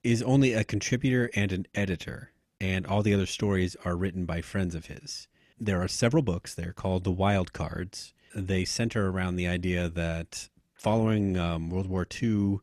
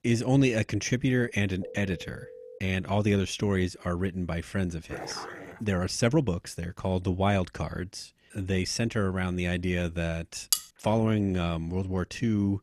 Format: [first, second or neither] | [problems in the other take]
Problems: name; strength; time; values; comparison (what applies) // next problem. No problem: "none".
first | phone ringing; faint; at 1.5 s; peak 15 dB below the speech // dog barking; noticeable; at 5 s; peak 10 dB below the speech // clattering dishes; loud; at 11 s; peak 1 dB above the speech